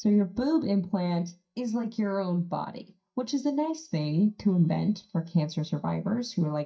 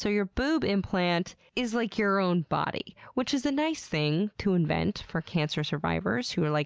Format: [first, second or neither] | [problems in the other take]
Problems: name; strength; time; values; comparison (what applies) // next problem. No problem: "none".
second | noise reduction (neural mask model DeepFilterNet 3)